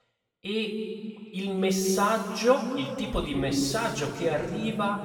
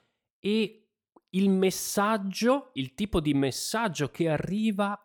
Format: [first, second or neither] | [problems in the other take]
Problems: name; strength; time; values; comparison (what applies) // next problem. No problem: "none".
second | room echo; noticeable; dies away in 2.1 s // off-mic speech; far